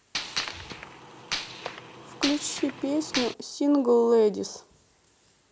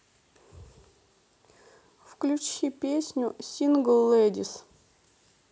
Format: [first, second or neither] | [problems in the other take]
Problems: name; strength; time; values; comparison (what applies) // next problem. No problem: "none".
second | background sound (Gunshot, gunfire); 7 dB below the speech